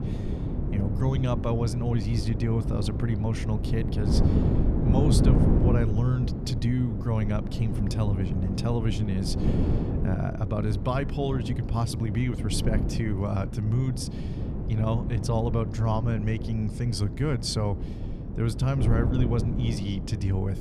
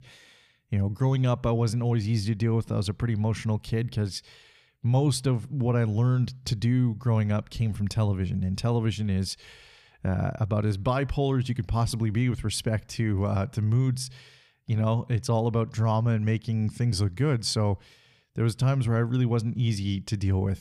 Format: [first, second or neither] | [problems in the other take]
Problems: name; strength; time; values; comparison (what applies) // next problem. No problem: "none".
second | wind noise on the microphone; heavy; 4 dB below the speech